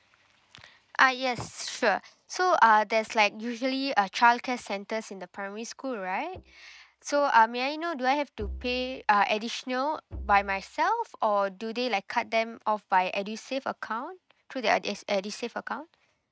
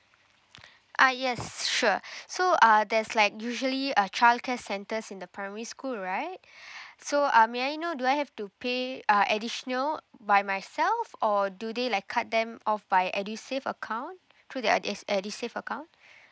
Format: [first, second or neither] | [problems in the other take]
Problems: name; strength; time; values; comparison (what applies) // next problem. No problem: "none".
second | noise reduction (neural mask model RNNoise)